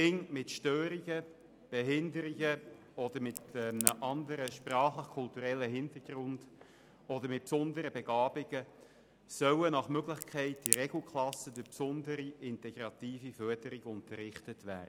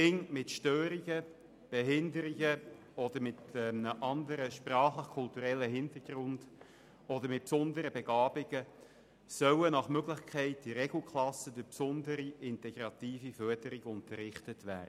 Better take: second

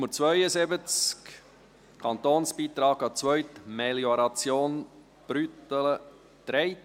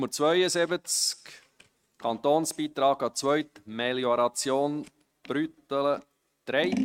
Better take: first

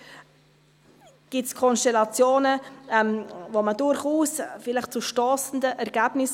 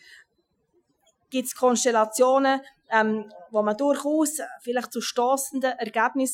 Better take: first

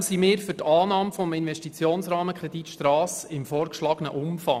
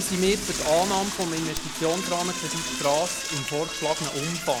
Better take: first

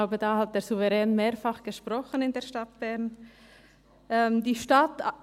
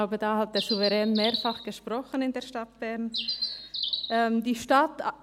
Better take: first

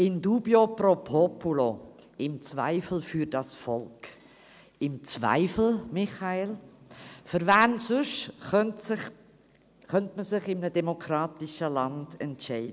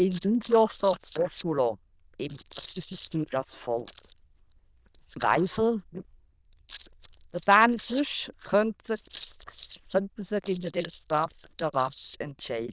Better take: first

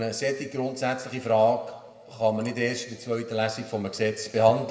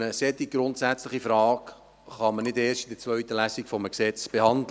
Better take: second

